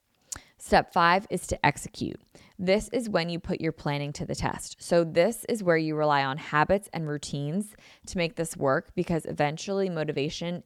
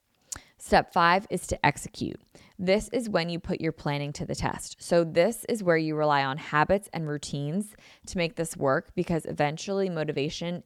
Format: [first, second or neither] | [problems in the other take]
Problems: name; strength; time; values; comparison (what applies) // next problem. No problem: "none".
neither | none